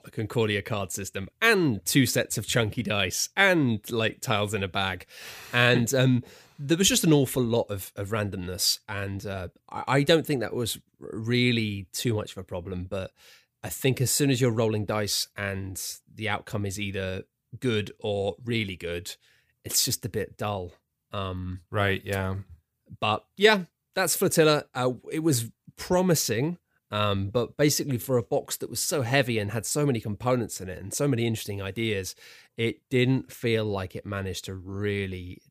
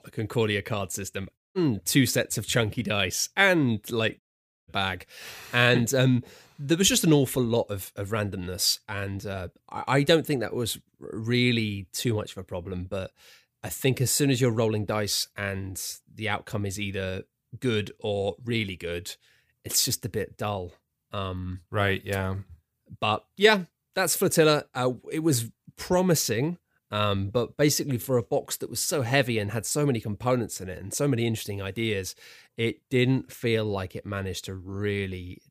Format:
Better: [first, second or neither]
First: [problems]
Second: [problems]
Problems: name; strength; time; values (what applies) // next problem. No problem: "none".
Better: first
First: none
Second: audio cutting out; at 1.5 s and at 4 s